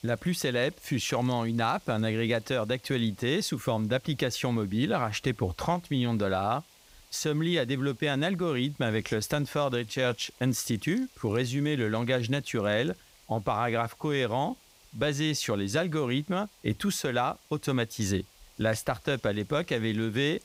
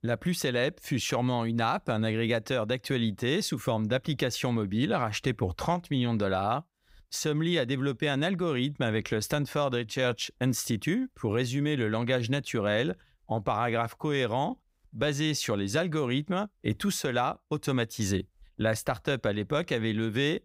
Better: second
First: hiss; faint; throughout; 25 dB below the speech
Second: none

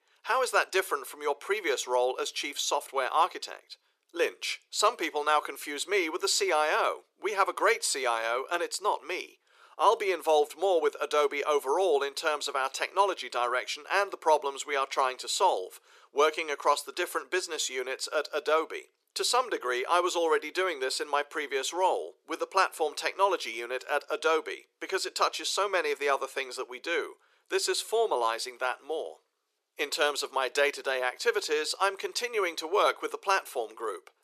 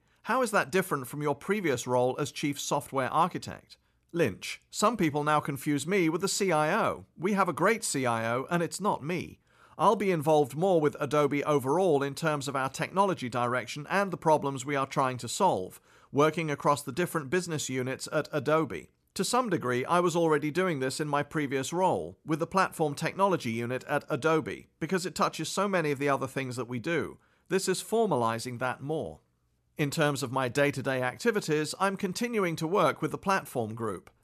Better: second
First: thin; very; fading below 400 Hz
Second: none

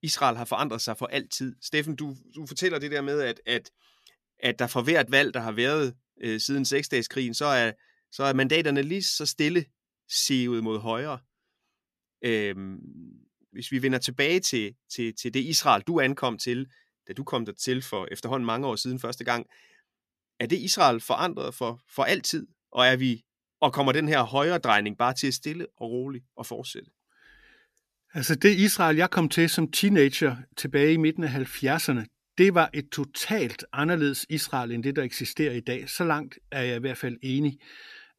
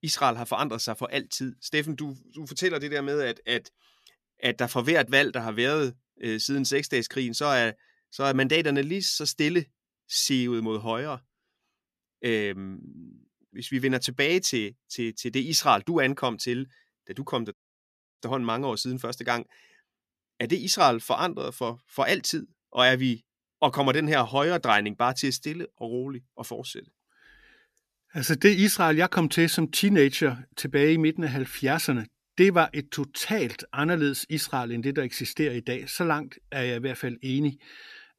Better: first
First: none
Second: audio cutting out; at 18 s for 0.5 s

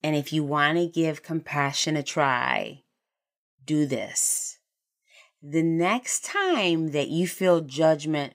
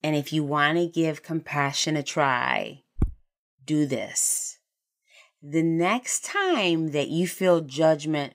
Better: first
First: none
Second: footsteps; noticeable; at 3 s; peak 7 dB below the speech

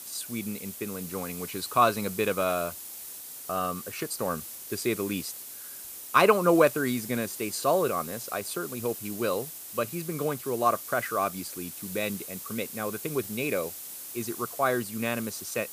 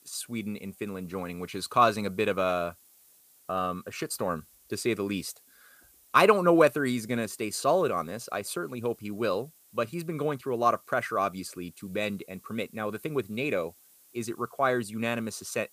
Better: second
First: hiss; loud; throughout; 9 dB below the speech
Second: hiss; faint; throughout; 25 dB below the speech

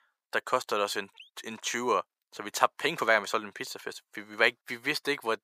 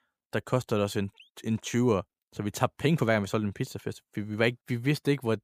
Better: second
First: thin; very; fading below 550 Hz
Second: none

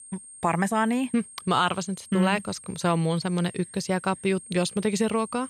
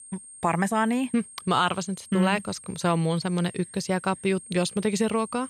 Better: neither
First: high-pitched whine; noticeable; throughout; 8.5 kHz, 15 dB below the speech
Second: high-pitched whine; noticeable; throughout; 8.5 kHz, 15 dB below the speech

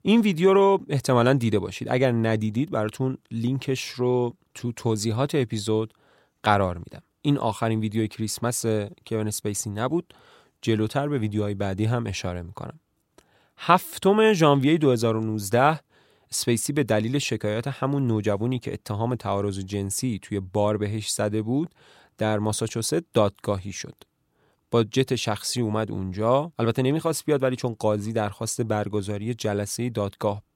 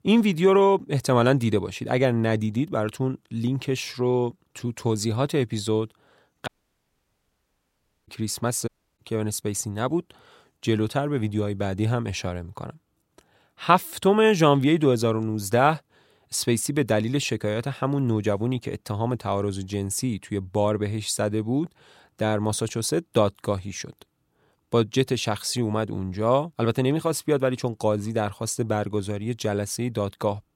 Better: first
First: none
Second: audio cutting out; at 6.5 s for 1.5 s and at 8.5 s

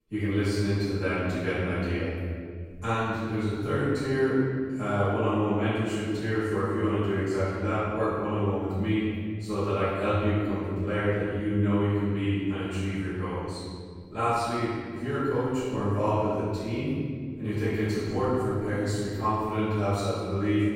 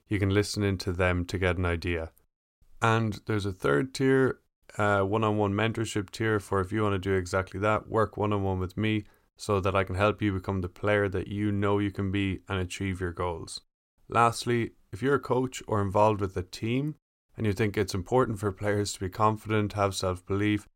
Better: second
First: off-mic speech; far // room echo; strong; dies away in 2.2 s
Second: none

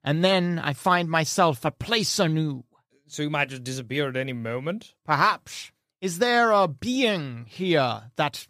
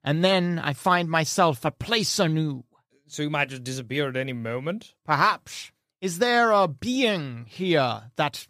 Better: neither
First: none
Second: none

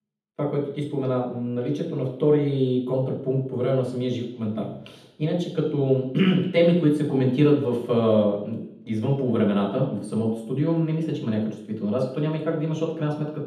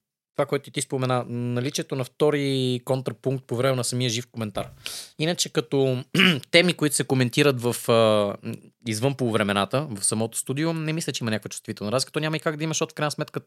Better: second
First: room echo; noticeable; dies away in 0.8 s // off-mic speech; far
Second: none

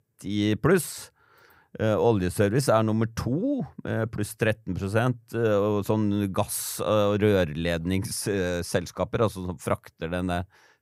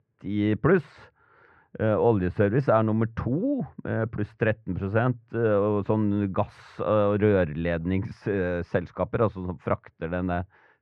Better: first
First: none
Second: muffled; very; fading above 2.5 kHz

